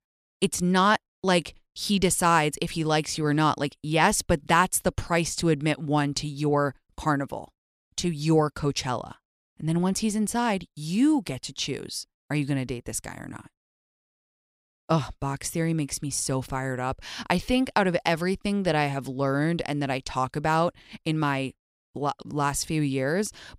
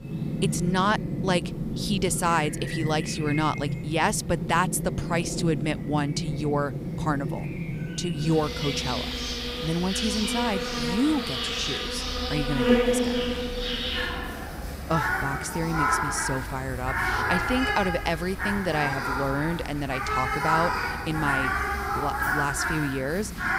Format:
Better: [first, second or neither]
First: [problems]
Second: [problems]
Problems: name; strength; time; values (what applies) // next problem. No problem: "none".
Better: first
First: none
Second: animal sounds; loud; throughout; as loud as the speech